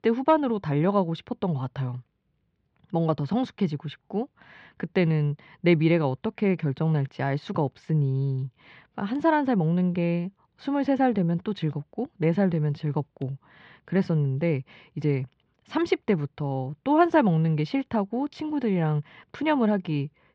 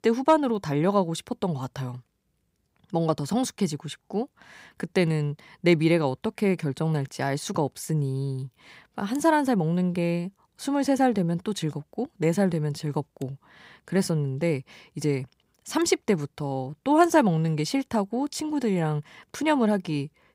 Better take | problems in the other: second | muffled; slightly; fading above 3.5 kHz

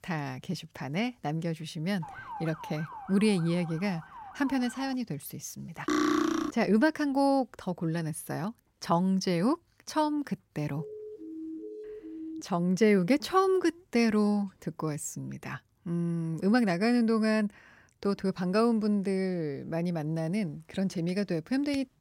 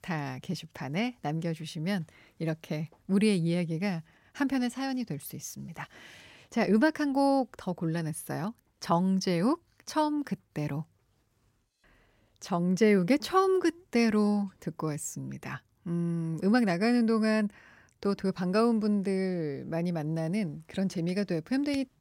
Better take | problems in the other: second | siren; faint; from 2 to 5 s and from 11 to 12 s; peak 10 dB below the speech // clattering dishes; loud; at 6 s; peak 3 dB above the speech

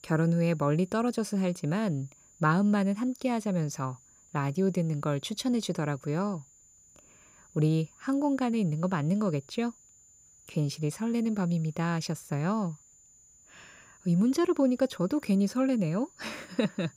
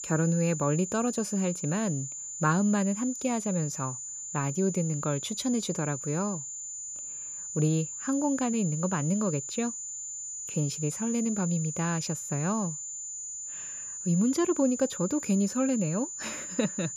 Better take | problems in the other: first | high-pitched whine; loud; throughout; 7 kHz, 6 dB below the speech; faint in the first

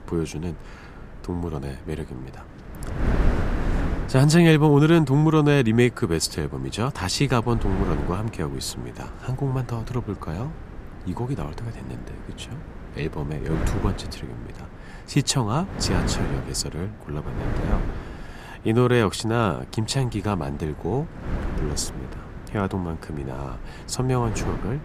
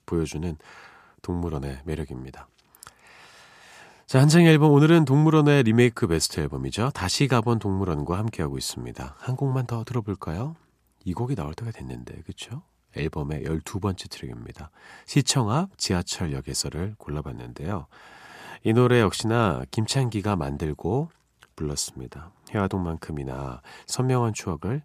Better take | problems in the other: second | wind noise on the microphone; occasional gusts; 10 dB below the speech

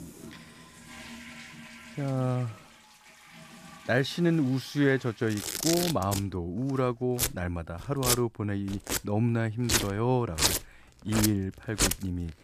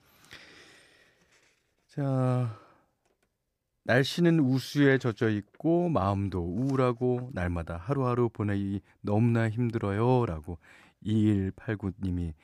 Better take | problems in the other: second | household noises; loud; throughout; 1 dB below the speech

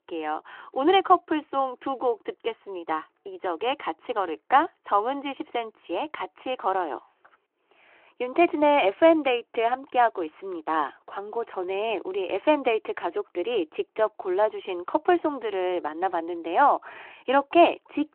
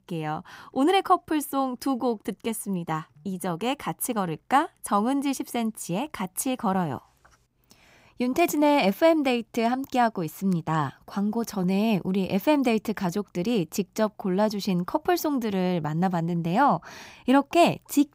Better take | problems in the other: second | phone-call audio

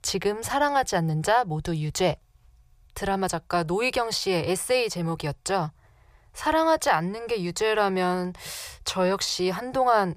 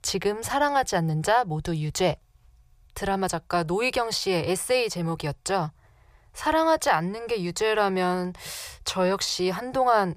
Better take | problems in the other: neither | none

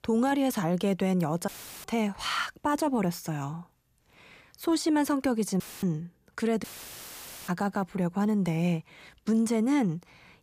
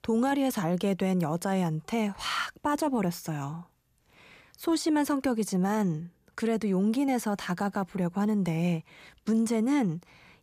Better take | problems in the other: second | audio cutting out; filled with static; at 1.5 s, at 5.5 s and at 6.5 s for 1 s

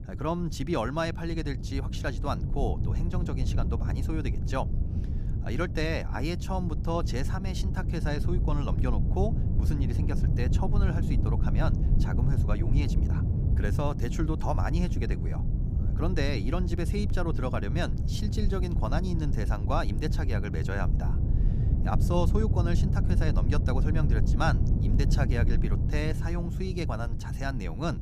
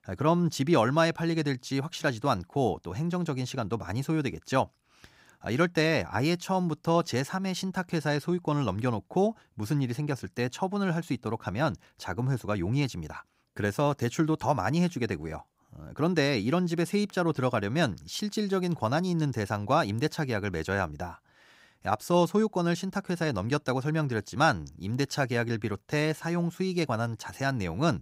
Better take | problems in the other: second | low rumble; loud; throughout; 7 dB below the speech

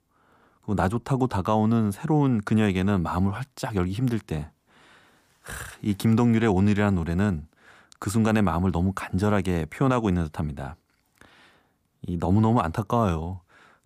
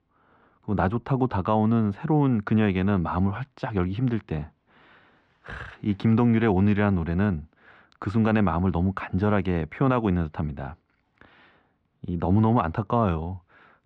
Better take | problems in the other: first | muffled; slightly; fading above 3 kHz

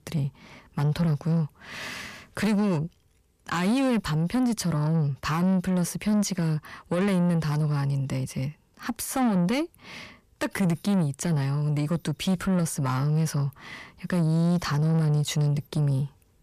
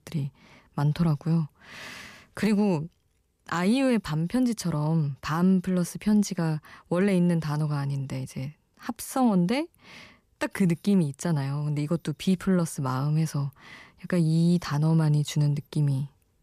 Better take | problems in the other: second | distortion; slight; 10 dB below the speech

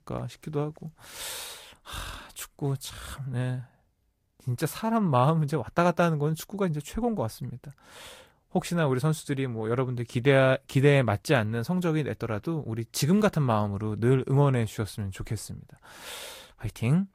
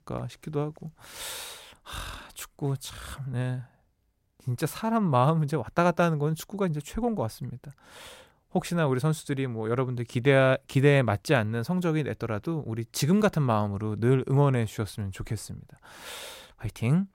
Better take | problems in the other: second | garbled, watery; slightly; nothing above 15 kHz

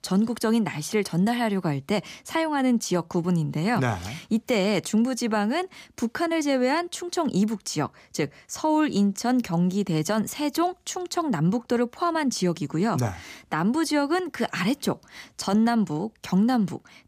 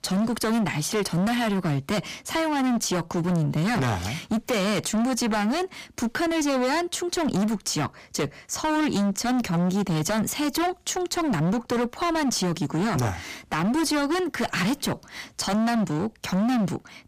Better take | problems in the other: first | distortion; heavy; 27% of the sound clipped

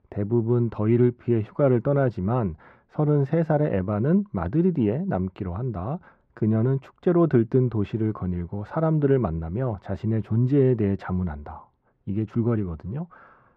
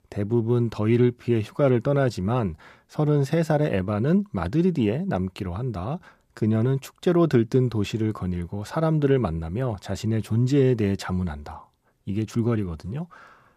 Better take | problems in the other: second | muffled; very; fading above 4 kHz

